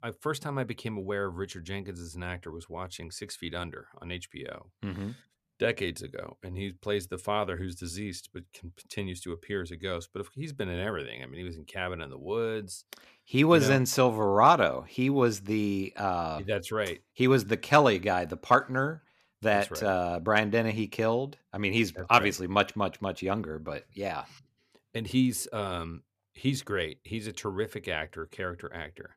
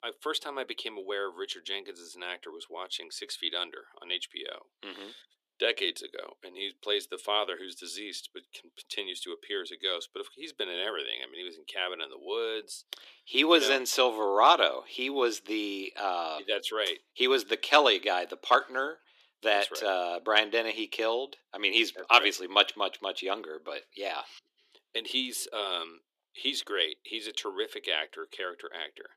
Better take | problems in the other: first | thin; somewhat; fading below 350 Hz

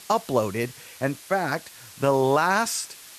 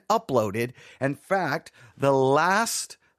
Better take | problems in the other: second | hiss; noticeable; throughout; 20 dB below the speech

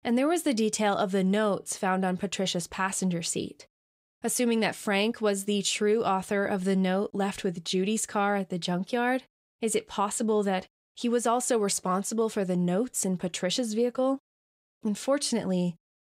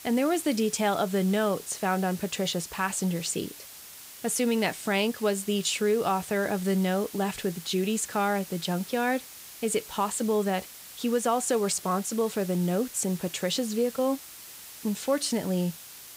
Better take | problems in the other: first | hiss; noticeable; throughout; 15 dB below the speech

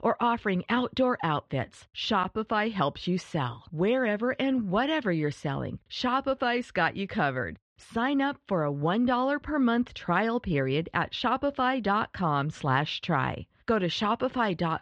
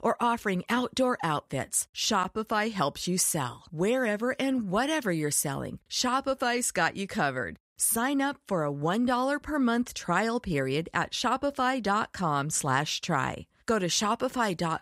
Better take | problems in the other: second | muffled; slightly; fading above 3.5 kHz

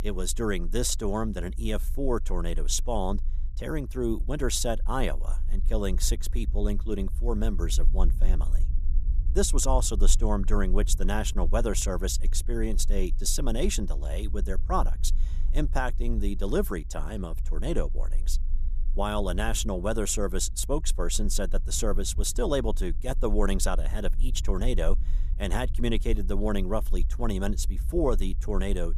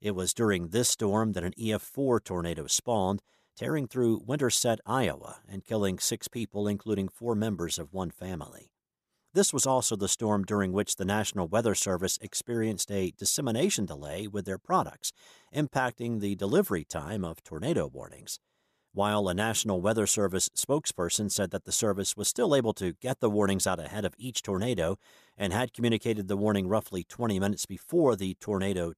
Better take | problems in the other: second | low rumble; faint; throughout; 20 dB below the speech

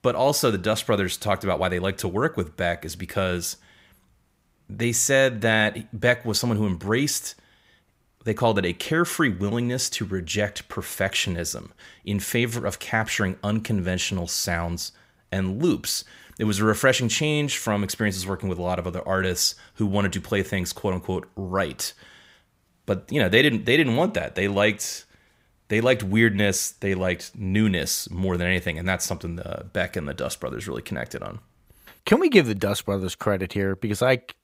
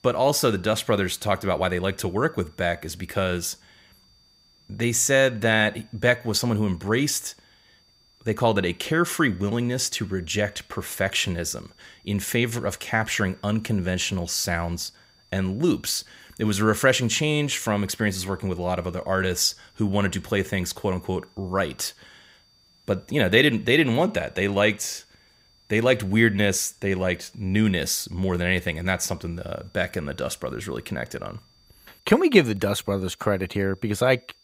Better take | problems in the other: first | high-pitched whine; faint; throughout; 4.5 kHz, 35 dB below the speech

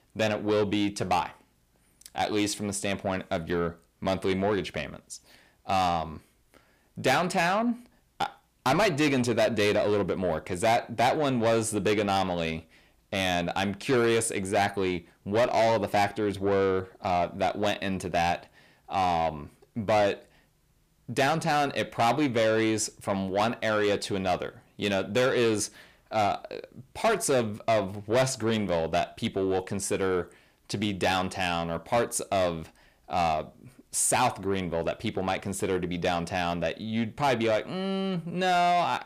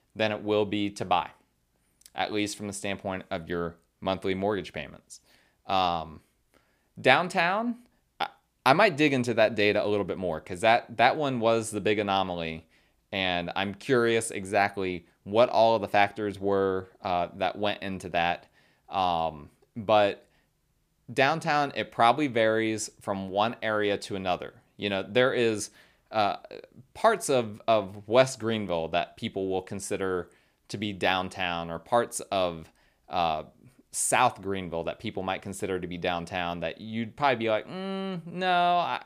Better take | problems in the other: second | distortion; heavy; 7 dB below the speech

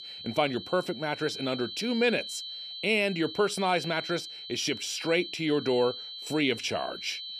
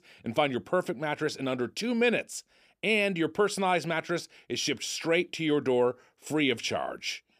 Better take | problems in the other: second | high-pitched whine; loud; throughout; 4 kHz, 9 dB below the speech

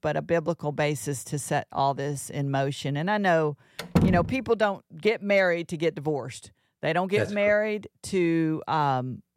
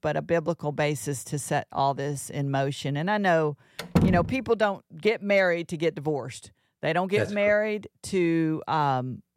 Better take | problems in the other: neither | door banging; loud; at 4 s; peak 2 dB above the speech; the same in both

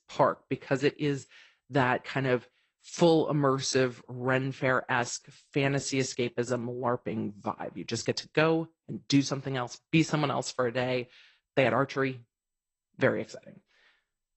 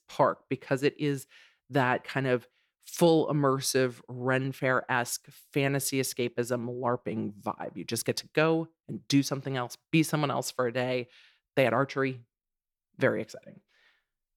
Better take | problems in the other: second | garbled, watery; slightly; nothing above 8 kHz

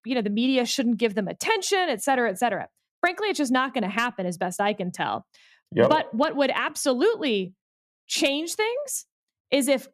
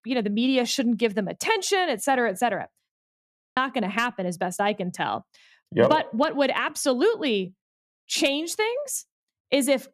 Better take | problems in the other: first | audio cutting out; at 3 s for 0.5 s

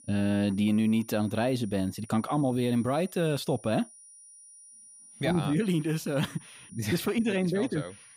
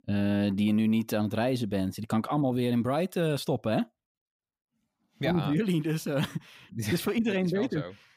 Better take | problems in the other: second | high-pitched whine; faint; throughout; 9.5 kHz, 20 dB below the speech

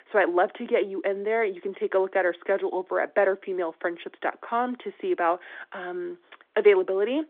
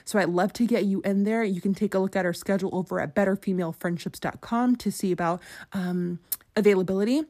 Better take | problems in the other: second | phone-call audio

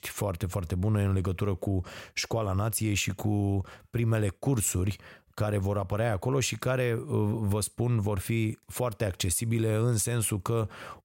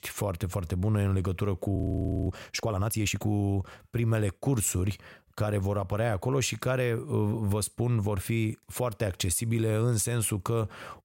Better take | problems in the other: first | audio freezing; at 2 s for 0.5 s

